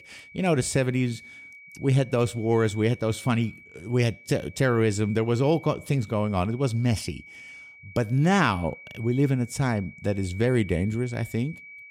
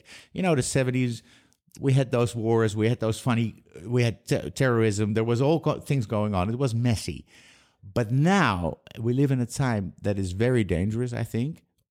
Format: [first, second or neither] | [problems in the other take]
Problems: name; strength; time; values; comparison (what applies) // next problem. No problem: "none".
second | high-pitched whine; noticeable; throughout; 2.5 kHz, 20 dB below the speech